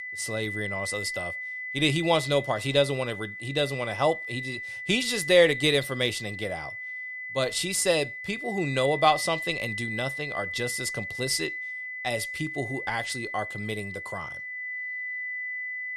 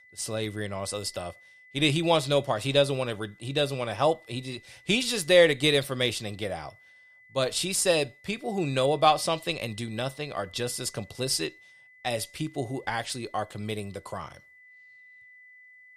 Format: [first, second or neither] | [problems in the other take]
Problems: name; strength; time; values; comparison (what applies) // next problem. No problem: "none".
second | high-pitched whine; loud; throughout; 2 kHz, 6 dB below the speech; faint in the second